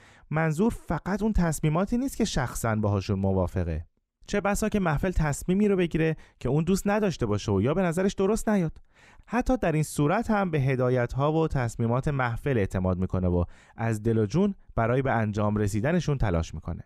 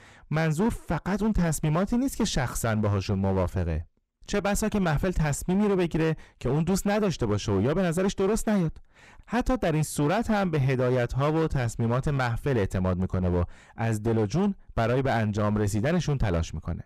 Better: first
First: none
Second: distortion; slight; 13% of the sound clipped

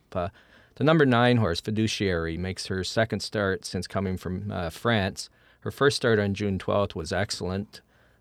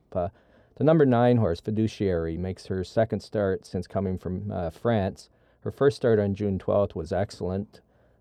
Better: first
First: none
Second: muffled; slightly; fading above 1 kHz

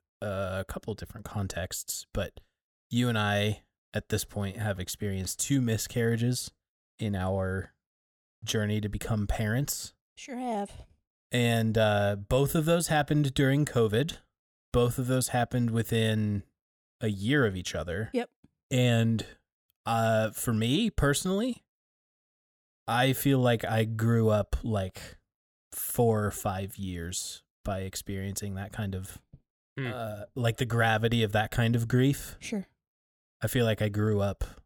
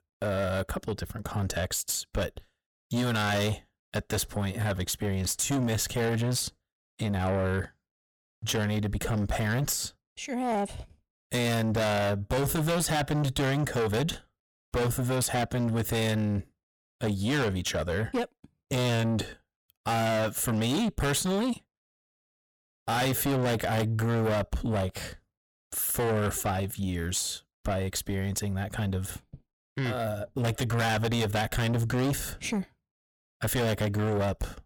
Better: first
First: none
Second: distortion; heavy; 6 dB below the speech

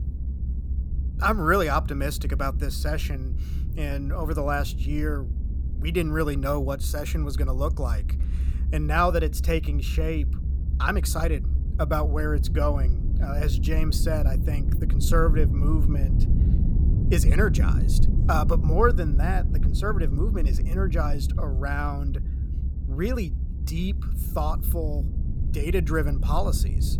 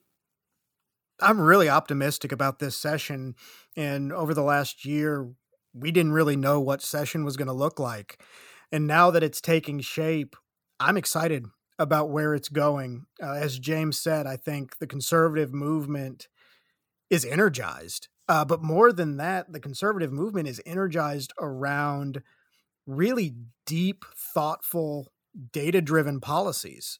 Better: second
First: low rumble; noticeable; throughout; 15 dB below the speech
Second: none

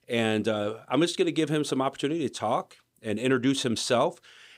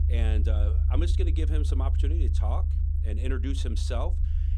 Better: first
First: none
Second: low rumble; loud; throughout; 6 dB below the speech

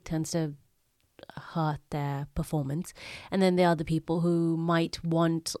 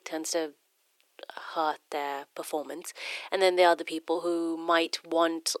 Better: first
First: none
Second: thin; very; fading below 350 Hz

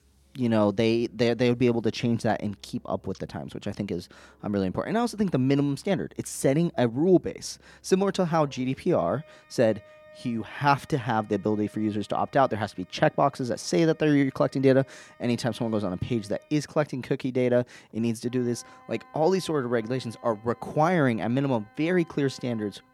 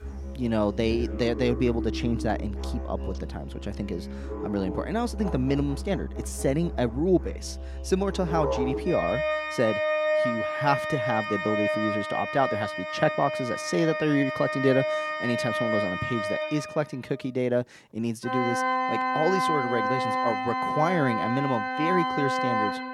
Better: first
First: background music; faint; throughout; 30 dB below the speech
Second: background music; loud; throughout; 1 dB below the speech

